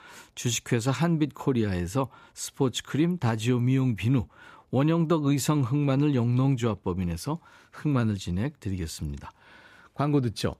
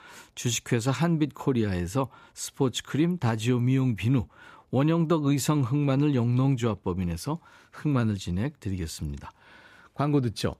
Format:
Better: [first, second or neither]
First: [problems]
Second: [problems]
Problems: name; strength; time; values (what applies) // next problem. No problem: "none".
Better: neither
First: none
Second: none